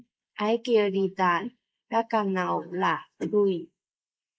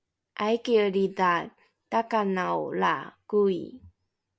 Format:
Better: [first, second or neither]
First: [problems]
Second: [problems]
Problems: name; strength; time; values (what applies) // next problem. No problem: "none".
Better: second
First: noise reduction (neural mask model Resemble Enhance denoiser)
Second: none